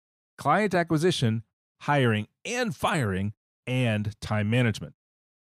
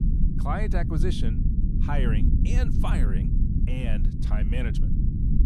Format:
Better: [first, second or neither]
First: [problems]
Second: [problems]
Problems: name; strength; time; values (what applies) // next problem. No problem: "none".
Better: first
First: none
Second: low rumble; loud; throughout; 3 dB below the speech